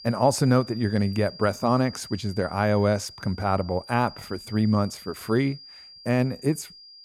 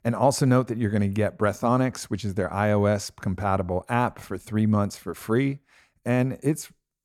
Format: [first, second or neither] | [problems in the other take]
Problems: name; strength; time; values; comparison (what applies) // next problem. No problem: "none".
second | high-pitched whine; noticeable; throughout; 5 kHz, 15 dB below the speech